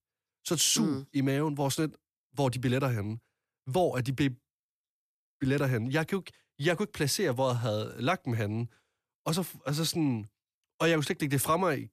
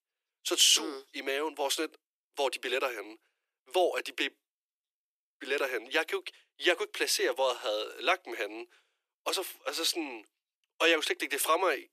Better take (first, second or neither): first